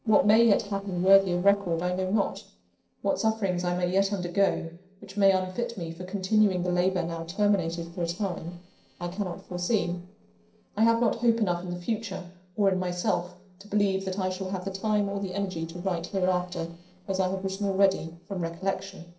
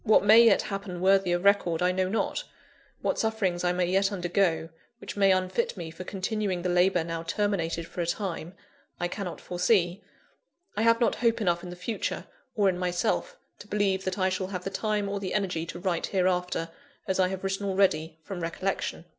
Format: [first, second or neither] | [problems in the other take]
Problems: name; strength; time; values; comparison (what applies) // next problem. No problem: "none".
second | noise reduction (neural separator model SepFormer DNS4)